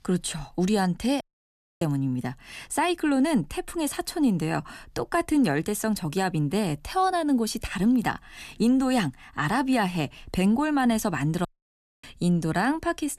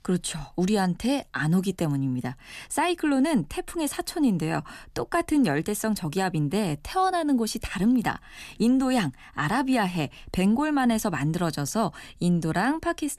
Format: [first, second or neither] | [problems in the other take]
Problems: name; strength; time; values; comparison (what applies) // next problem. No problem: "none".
second | audio cutting out; at 1 s for 0.5 s and at 11 s for 0.5 s